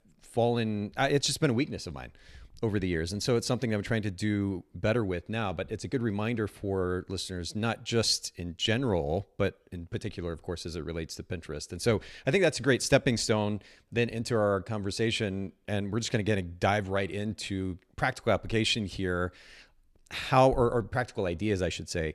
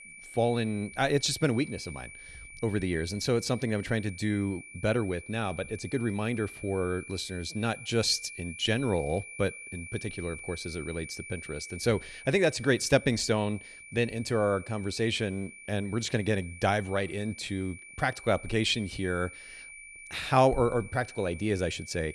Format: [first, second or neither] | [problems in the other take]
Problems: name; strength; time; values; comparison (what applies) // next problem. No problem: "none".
first | high-pitched whine; noticeable; throughout; 2.5 kHz, 15 dB below the speech